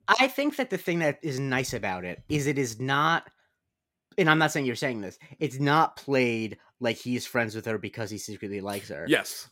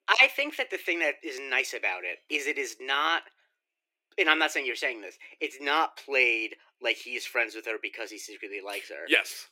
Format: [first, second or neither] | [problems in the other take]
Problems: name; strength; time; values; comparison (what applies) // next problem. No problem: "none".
first | thin; very; fading below 350 Hz